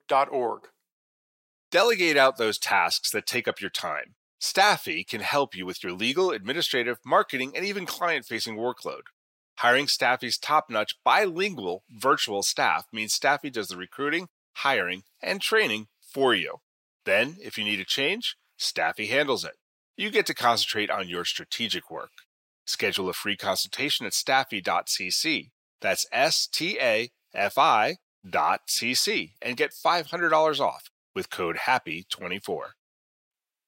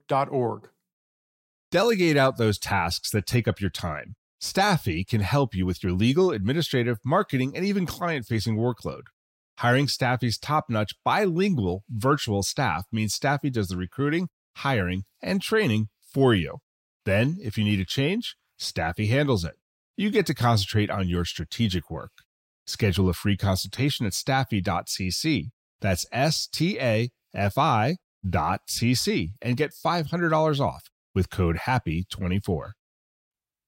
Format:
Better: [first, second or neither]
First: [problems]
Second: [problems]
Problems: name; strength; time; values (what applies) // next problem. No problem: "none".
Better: second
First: thin; very; fading below 450 Hz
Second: none